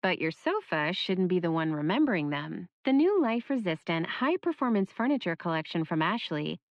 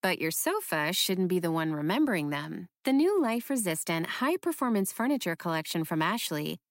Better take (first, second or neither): second